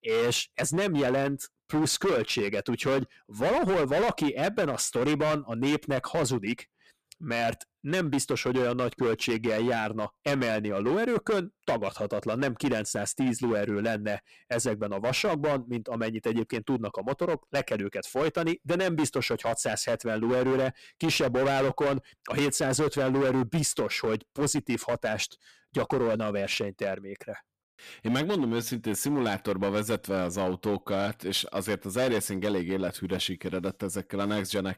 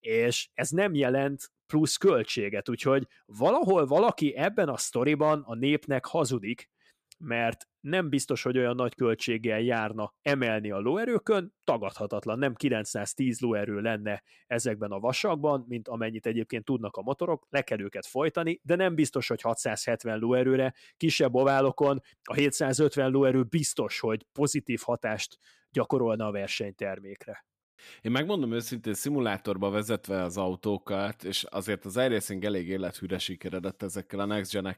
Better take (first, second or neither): second